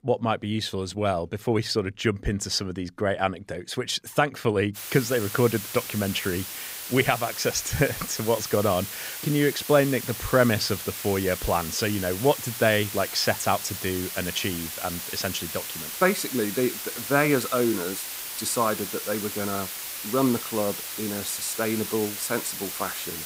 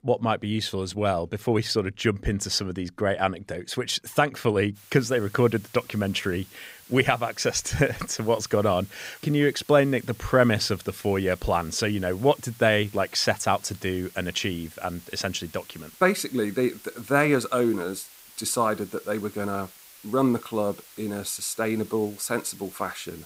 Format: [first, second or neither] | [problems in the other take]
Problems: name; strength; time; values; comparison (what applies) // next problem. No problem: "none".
second | hiss; loud; from 5 s on; 6 dB below the speech; faint in the second